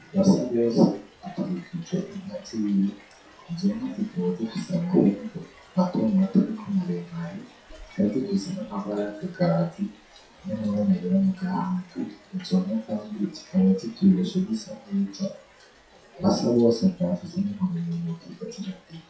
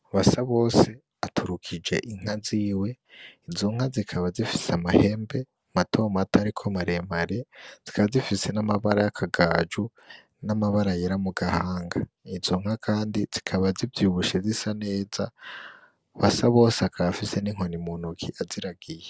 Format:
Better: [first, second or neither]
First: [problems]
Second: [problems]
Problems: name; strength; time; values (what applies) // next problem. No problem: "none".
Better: second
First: noise reduction (classical method WPE with log-MMSE)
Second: none